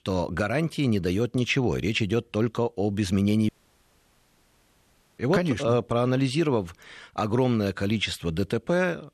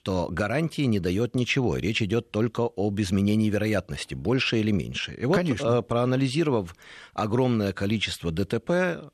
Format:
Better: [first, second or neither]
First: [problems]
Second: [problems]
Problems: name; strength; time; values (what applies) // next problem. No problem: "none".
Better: second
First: audio cutting out; at 3.5 s for 1.5 s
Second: none